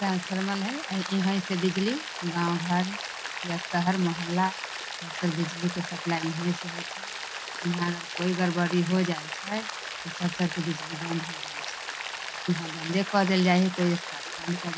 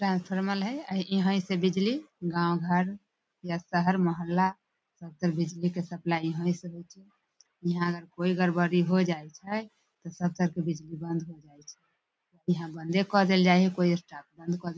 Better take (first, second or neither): second